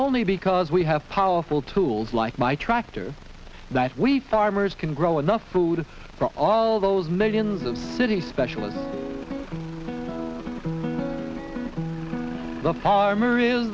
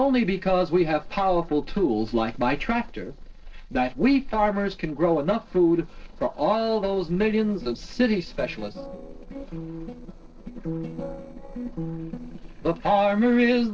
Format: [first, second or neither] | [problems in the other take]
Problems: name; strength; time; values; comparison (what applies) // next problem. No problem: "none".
first | noise reduction (neural separator model SepFormer DNS4)